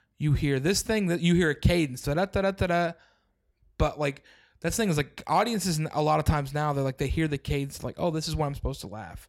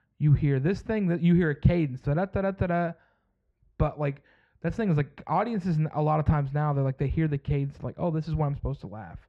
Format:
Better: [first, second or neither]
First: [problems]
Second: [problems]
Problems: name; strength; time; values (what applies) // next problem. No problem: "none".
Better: first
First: none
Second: muffled; very; fading above 2 kHz